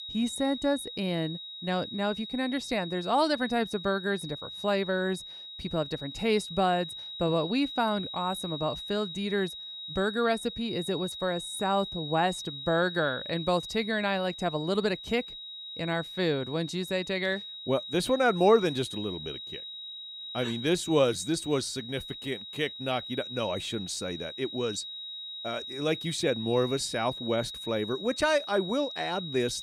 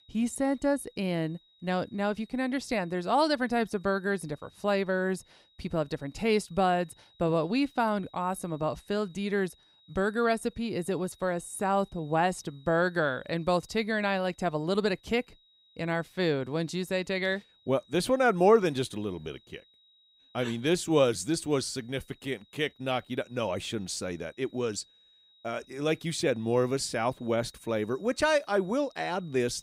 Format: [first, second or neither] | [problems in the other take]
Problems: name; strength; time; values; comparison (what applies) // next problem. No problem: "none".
second | high-pitched whine; loud; throughout; 4 kHz, 8 dB below the speech; faint in the second